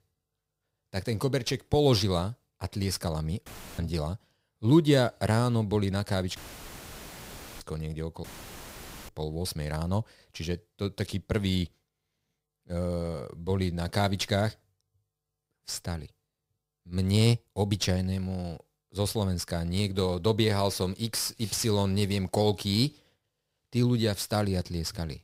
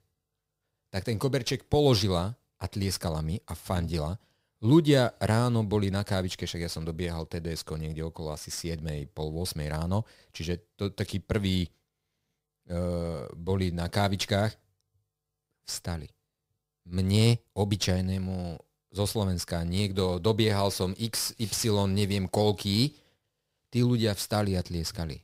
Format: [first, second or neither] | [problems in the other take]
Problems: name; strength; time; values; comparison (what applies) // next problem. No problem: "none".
second | audio cutting out; filled with static; at 3.5 s, at 6.5 s for 1.5 s and at 8 s for 1 s